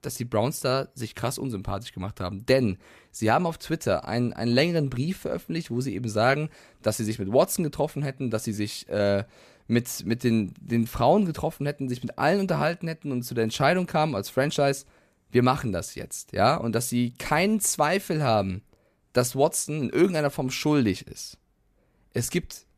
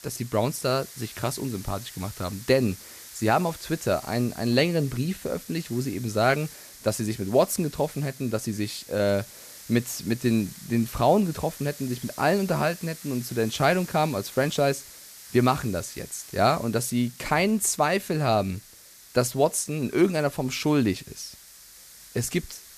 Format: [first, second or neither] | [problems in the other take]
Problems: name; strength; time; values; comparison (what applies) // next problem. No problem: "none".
first | hiss; noticeable; throughout; 15 dB below the speech